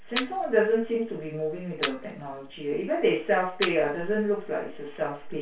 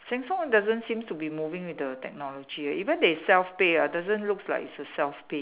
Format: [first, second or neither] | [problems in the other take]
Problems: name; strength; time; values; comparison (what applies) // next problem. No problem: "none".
second | background sound (Camera); 12 dB below the speech // room echo; dies away in 0.2 s